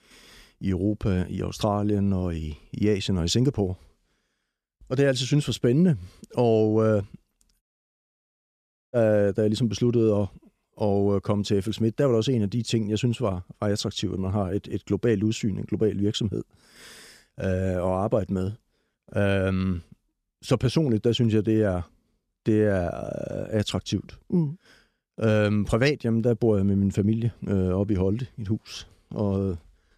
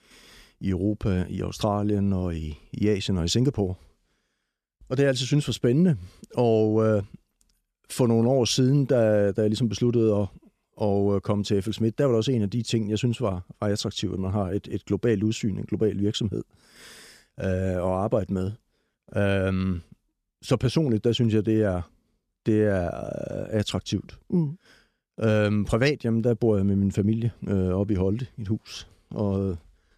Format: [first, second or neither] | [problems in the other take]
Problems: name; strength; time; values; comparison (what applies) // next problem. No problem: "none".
second | audio cutting out; at 7.5 s for 1.5 s